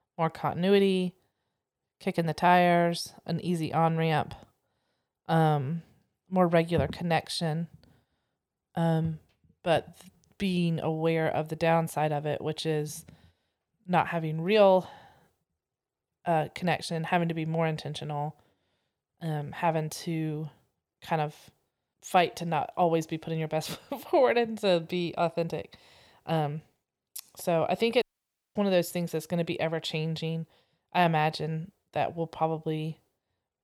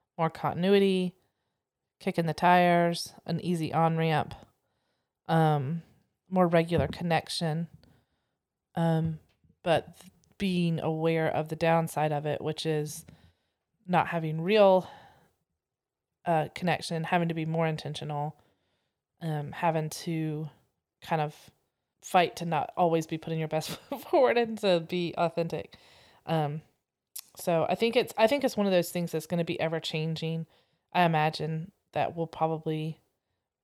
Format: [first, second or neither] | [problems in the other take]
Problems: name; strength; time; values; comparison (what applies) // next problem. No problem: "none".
second | audio cutting out; at 28 s for 0.5 s